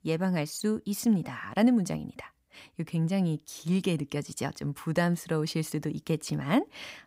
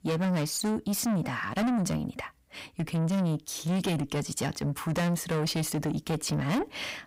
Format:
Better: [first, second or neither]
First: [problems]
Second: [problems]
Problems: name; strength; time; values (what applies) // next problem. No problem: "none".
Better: first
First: none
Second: distortion; heavy; 6 dB below the speech